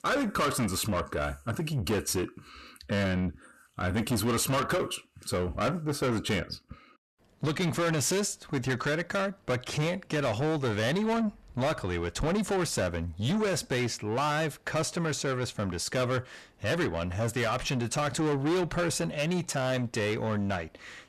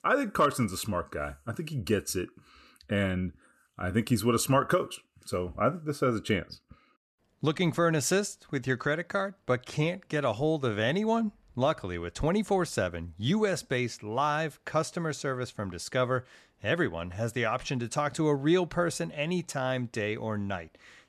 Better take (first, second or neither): second